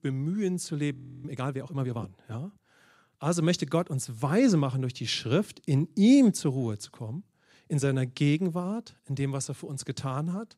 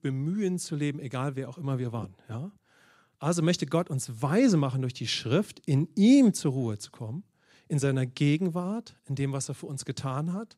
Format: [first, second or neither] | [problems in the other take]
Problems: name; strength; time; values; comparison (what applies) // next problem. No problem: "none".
second | audio freezing; at 1 s